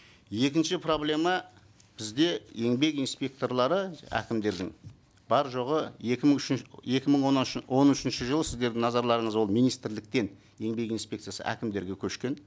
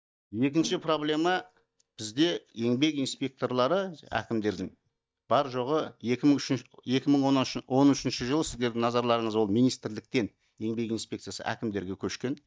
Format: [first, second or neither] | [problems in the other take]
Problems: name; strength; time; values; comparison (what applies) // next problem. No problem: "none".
first | noise reduction (neural mask model DeepFilterNet 3)